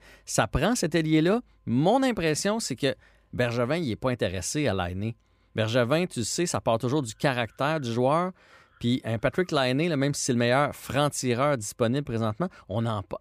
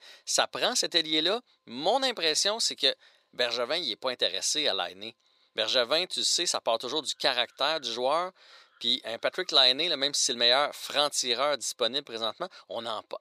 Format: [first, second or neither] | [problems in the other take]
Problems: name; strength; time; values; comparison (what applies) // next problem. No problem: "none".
first | thin; very; fading below 550 Hz